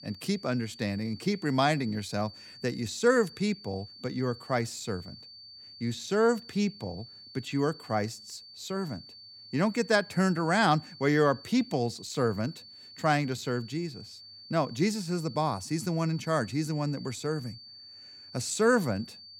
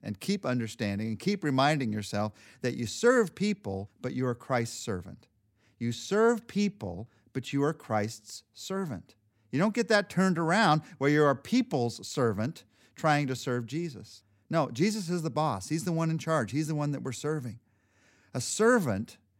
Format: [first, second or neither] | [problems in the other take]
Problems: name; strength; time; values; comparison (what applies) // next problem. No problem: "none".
second | high-pitched whine; noticeable; throughout; 4.5 kHz, 15 dB below the speech